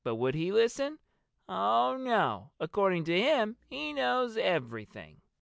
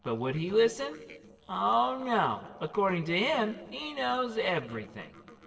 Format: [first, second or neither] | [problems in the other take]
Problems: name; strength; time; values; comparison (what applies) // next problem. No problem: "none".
first | noise reduction (neural separator model SepFormer DNS4)